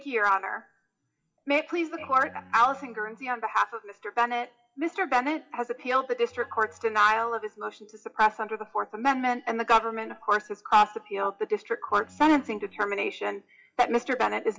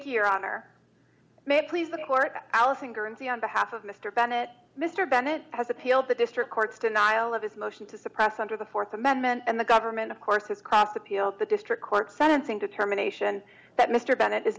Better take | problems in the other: second | noise reduction (classical method WPE with log-MMSE)

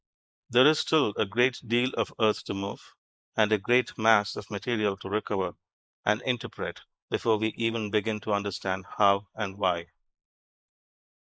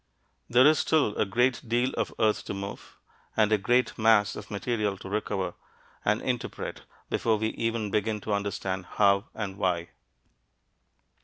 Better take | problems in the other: second | noise reduction (neural mask model Resemble Enhance denoiser)

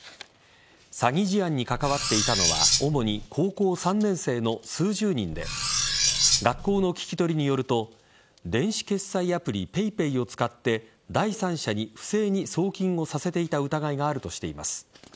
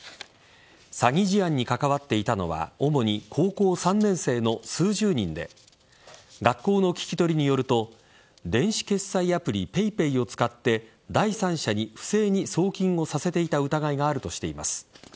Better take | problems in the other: second | background sound (Cutlery, silverware); 1 dB above the speech

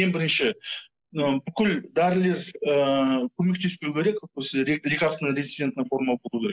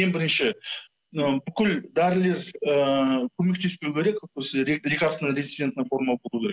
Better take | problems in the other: second | noise reduction (neural mask model Resemble Enhance denoiser)

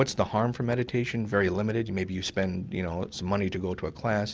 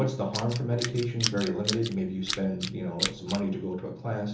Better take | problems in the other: first | background sound (Tools); 6 dB below the speech // room echo; dies away in 1.2 s

